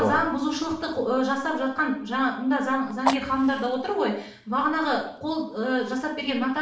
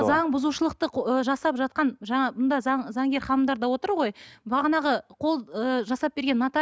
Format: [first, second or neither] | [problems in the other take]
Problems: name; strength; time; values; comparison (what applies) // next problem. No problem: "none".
second | background sound (Fire); 13 dB below the speech // room echo; dies away in 0.5 s